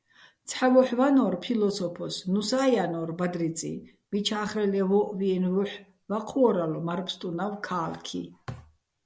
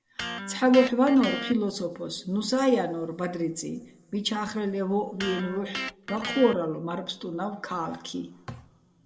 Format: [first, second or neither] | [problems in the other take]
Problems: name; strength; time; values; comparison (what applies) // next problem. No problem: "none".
first | background sound (Electric guitar); 10 dB below the speech // room echo; dies away in 1.2 s